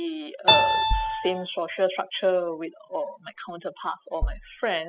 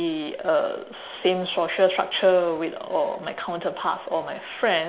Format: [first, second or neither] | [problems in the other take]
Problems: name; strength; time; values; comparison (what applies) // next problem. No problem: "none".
second | noise reduction (classical method spectral subtraction)